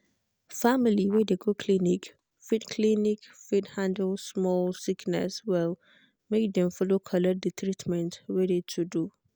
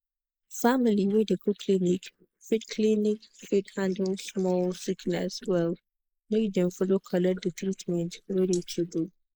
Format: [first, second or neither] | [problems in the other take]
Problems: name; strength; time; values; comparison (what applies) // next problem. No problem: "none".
first | noise reduction (neural mask model Resemble Enhance denoiser)